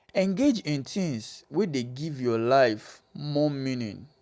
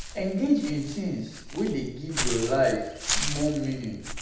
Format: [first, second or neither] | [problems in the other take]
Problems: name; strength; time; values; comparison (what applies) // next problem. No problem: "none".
first | background sound (Walk, footsteps / Bird); 5 dB below the speech // room echo; dies away in 0.8 s